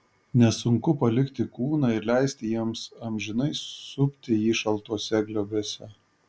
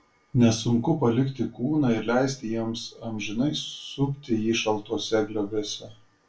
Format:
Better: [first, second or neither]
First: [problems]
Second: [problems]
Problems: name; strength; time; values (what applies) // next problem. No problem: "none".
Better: first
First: none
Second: room echo; dies away in 0.2 s